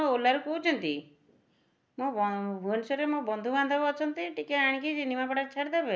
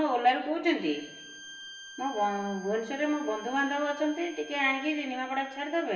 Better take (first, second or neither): first